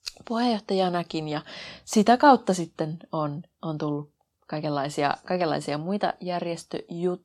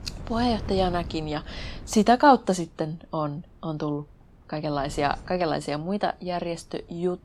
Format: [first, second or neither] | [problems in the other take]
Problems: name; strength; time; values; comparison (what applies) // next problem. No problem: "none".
first | wind noise on the microphone; occasional gusts; 20 dB below the speech